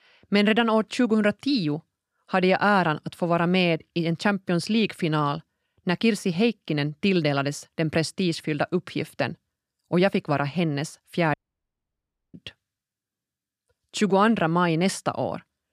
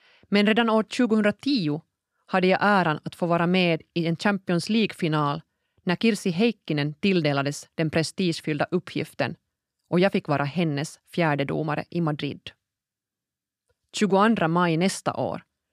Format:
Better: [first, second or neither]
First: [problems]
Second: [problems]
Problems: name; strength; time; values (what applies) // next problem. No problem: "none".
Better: second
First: audio cutting out; at 11 s for 1 s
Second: none